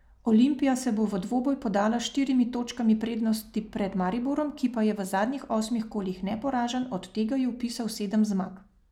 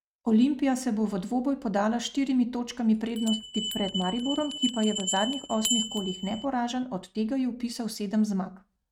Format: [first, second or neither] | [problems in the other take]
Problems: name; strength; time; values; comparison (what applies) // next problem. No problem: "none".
first | noise reduction (neural mask model RNNoise)